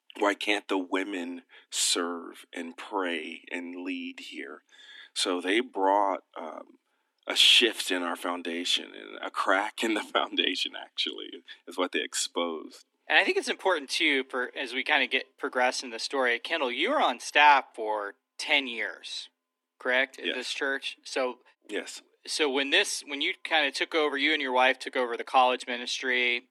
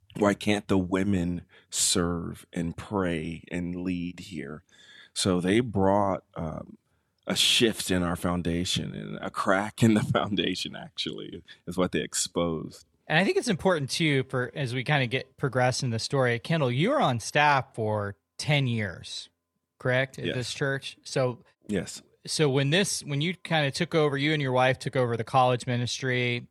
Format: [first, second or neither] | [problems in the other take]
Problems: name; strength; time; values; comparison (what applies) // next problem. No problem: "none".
second | thin; somewhat; fading below 250 Hz